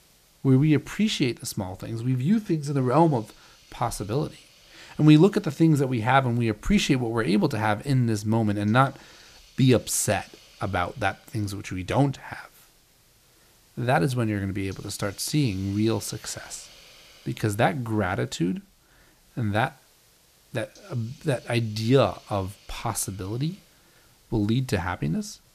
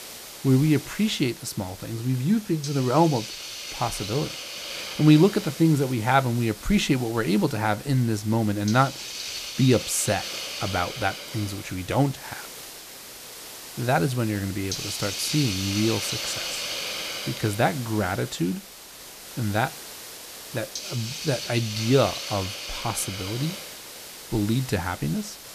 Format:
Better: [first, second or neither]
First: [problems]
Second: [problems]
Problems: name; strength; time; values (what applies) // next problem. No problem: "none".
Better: first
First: hiss; faint; throughout; 30 dB below the speech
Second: hiss; loud; throughout; 8 dB below the speech